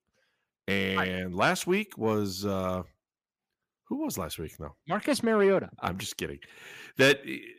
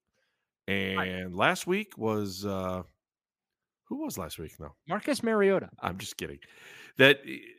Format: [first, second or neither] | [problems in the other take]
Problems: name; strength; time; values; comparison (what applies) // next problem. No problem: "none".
second | distortion; slight; 10 dB below the speech